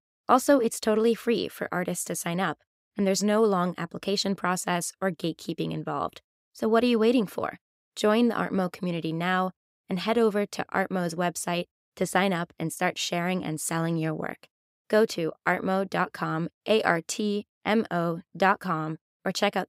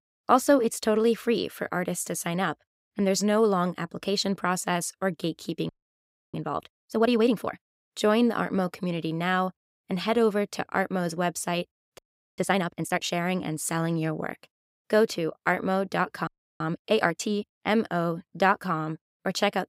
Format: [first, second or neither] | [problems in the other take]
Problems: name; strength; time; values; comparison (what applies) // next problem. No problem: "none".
first | audio freezing; at 5.5 s for 0.5 s, at 12 s and at 16 s